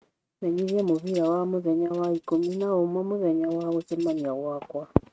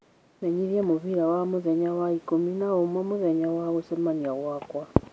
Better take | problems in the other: second | noise reduction (neural mask model RNNoise)

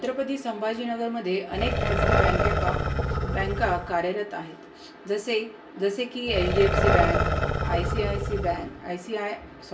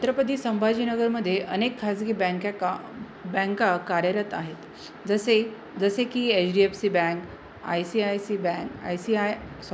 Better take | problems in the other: second | background sound (Growling); 1 dB above the speech // room echo; dies away in 0.2 s

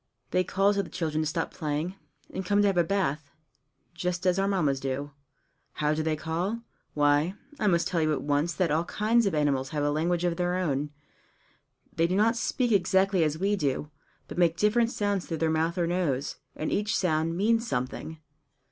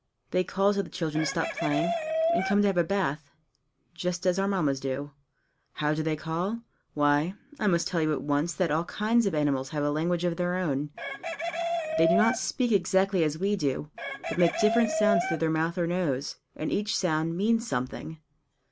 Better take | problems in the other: first | background sound (Chicken, rooster); 4 dB below the speech

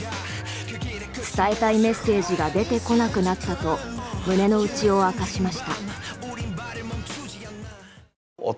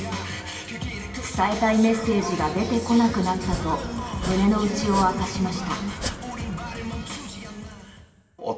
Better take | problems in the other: first | background sound (Domestic sounds, home sounds); 10 dB below the speech // room echo; dies away in 2.2 s

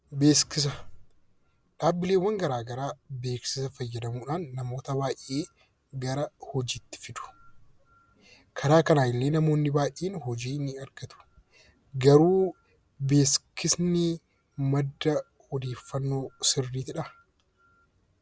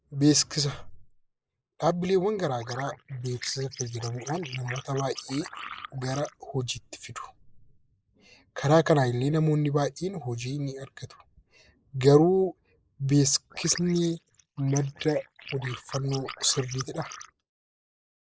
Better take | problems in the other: first | noise reduction (neural mask model Resemble Enhance denoiser)

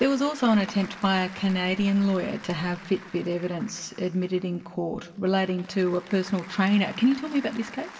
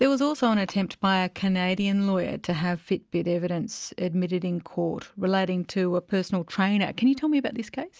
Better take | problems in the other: second | background sound (Applause / Crowd); 19 dB below the speech // room echo; dies away in 1.5 s

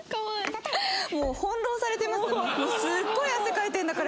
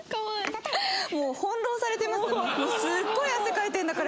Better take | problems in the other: second | background sound (Knock); 20 dB below the speech

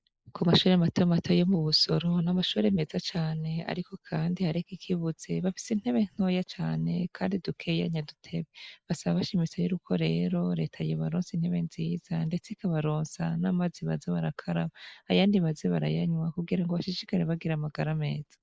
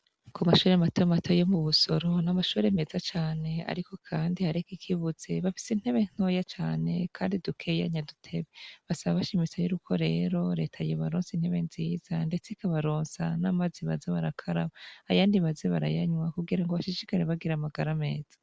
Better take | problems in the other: second | noise reduction (neural mask model Resemble Enhance denoiser)

